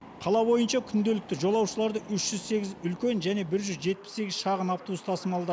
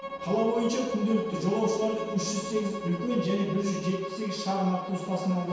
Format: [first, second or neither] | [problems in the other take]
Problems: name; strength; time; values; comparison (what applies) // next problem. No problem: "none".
first | background sound (Bowed string instrument); 10 dB below the speech // room echo; dies away in 1.2 s